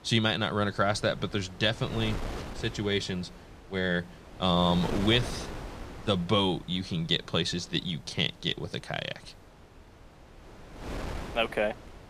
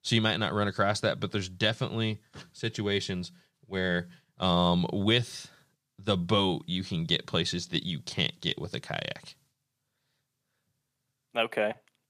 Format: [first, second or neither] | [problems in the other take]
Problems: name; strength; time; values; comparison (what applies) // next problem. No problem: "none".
second | wind noise on the microphone; occasional gusts; 15 dB below the speech